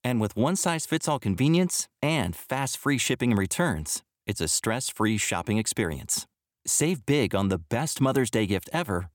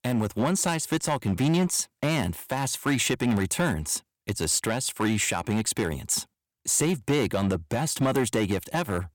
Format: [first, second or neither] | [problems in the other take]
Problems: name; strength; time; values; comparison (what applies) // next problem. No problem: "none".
first | distortion; slight; 6% of the sound clipped